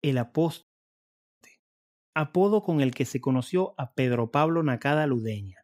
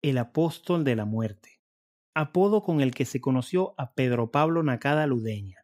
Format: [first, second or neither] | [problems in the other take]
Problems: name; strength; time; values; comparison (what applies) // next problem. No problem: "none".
second | audio cutting out; at 0.5 s for 1 s